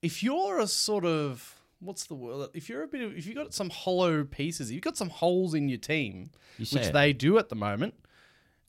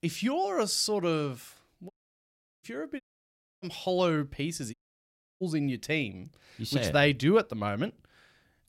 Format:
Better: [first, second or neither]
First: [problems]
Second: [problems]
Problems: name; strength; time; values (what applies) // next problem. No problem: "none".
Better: first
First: none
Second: audio cutting out; at 2 s for 0.5 s, at 3 s for 0.5 s and at 4.5 s for 0.5 s